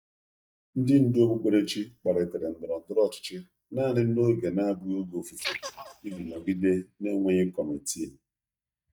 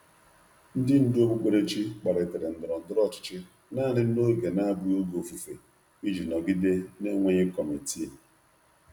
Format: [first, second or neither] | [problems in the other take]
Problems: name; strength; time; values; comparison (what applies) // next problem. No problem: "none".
second | noise reduction (neural mask model DeepFilterNet 3)